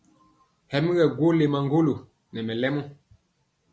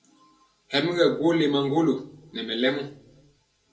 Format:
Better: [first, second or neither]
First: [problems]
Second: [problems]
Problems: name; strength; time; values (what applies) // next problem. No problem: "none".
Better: first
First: none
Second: room echo; dies away in 0.2 s